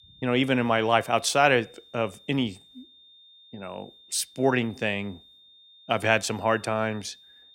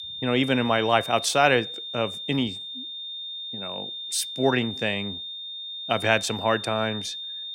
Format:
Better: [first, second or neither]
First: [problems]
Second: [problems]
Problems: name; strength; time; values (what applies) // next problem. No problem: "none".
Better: first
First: high-pitched whine; faint; throughout; 3.5 kHz, 25 dB below the speech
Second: high-pitched whine; loud; throughout; 3.5 kHz, 8 dB below the speech